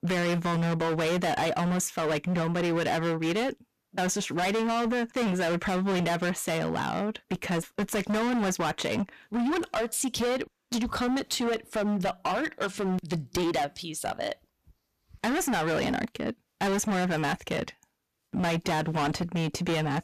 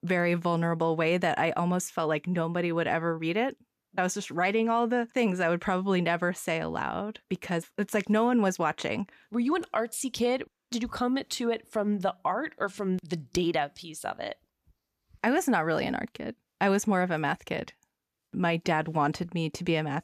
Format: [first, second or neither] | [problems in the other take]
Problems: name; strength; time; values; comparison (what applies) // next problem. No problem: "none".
second | distortion; heavy; 27% of the sound clipped